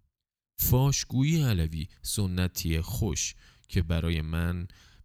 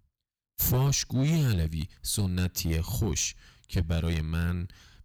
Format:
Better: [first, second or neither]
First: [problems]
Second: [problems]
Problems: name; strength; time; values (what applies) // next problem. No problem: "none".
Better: first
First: none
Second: distortion; slight; 8% of the sound clipped